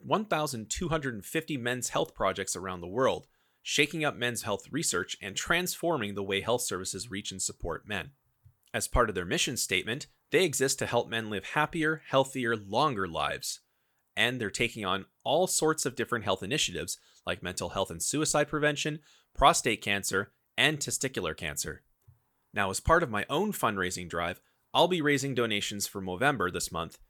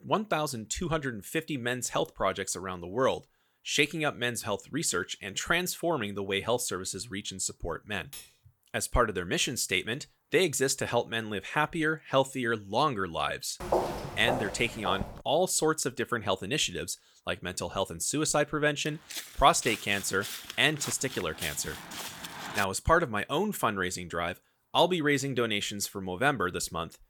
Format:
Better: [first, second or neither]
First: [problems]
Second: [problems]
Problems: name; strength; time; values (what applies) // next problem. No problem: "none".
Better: first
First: none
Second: clattering dishes; faint; at 8 s; peak 15 dB below the speech // footsteps; noticeable; from 14 to 15 s and from 19 to 23 s; peak level with the speech